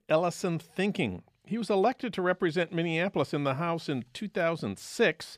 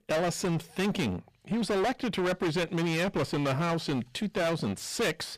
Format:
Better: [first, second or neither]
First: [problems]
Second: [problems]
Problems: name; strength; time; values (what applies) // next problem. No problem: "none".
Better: first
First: none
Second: distortion; heavy; 26% of the sound clipped